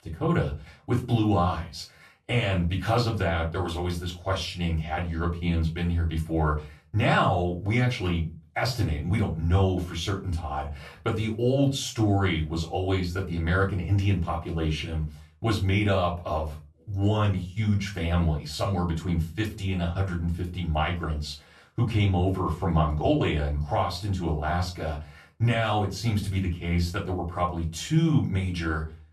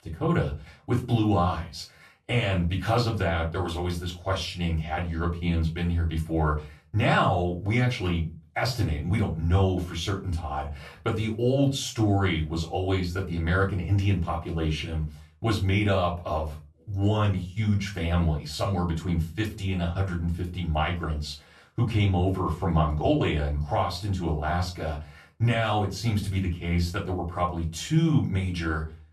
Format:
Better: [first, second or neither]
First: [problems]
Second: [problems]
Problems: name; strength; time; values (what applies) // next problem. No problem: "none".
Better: neither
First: off-mic speech; far // room echo; very slight; dies away in 0.3 s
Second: off-mic speech; far // room echo; very slight; dies away in 0.3 s